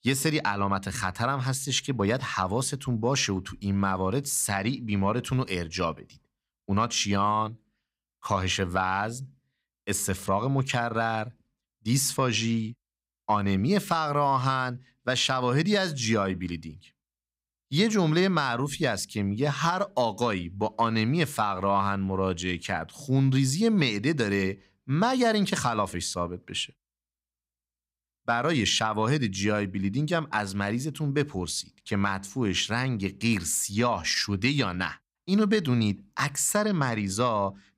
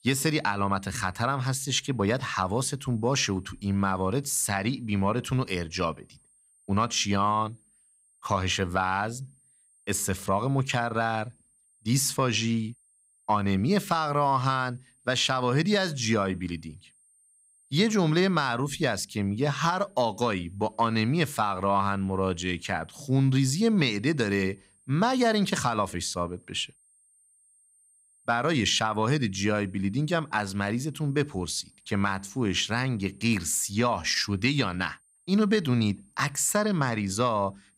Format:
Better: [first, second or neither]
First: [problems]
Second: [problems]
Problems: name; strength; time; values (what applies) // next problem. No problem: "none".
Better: first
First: none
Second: high-pitched whine; faint; throughout; 8.5 kHz, 35 dB below the speech